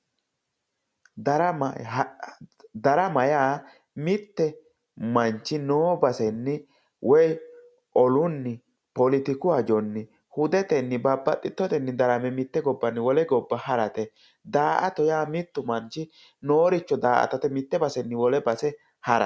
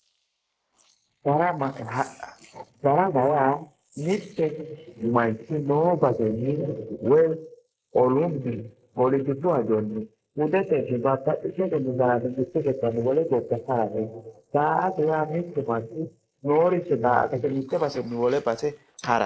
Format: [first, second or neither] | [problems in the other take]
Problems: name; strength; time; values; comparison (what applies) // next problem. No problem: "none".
first | noise reduction (neural mask model Resemble Enhance denoiser)